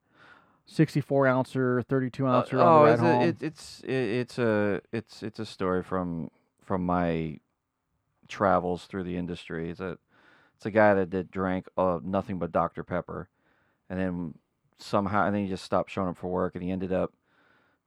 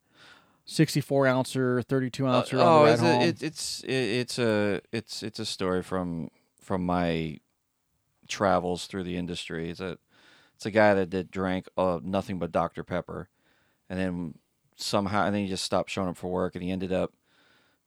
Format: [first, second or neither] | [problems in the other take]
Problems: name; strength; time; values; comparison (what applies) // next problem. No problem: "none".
second | muffled; slightly; fading above 3 kHz